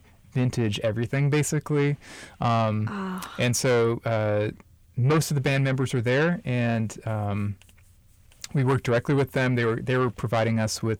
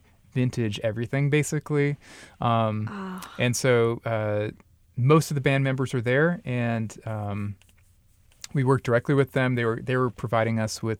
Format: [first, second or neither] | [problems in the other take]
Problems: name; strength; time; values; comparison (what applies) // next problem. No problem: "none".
second | distortion; slight; 10 dB below the speech